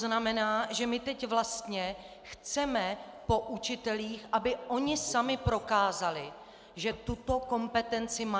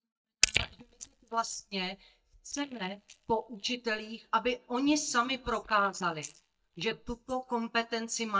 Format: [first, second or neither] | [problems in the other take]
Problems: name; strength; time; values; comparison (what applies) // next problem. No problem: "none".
first | noise reduction (neural mask model DeepFilterNet 3)